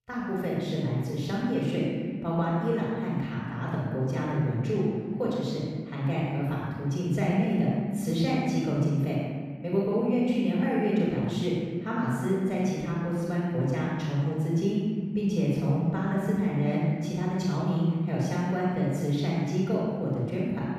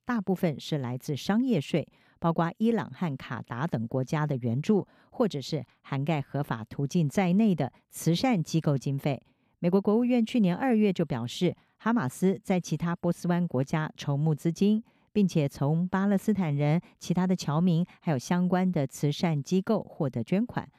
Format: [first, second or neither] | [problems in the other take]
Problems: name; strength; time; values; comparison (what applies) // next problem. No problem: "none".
second | room echo; strong; dies away in 1.6 s // off-mic speech; far